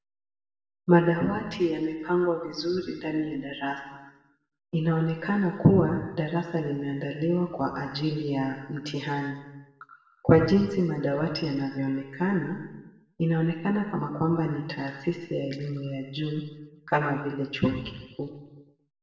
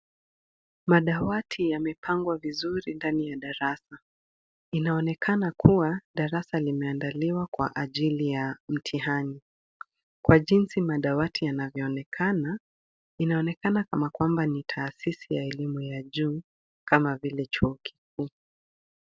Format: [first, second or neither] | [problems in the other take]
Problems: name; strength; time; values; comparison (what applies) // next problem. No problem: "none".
second | room echo; dies away in 1 s